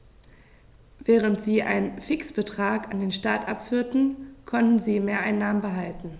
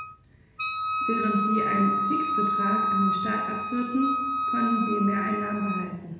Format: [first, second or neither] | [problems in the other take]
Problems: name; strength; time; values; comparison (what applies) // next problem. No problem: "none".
first | background sound (Wind instrument, woodwind instrument); 1 dB above the speech // room echo; dies away in 1.1 s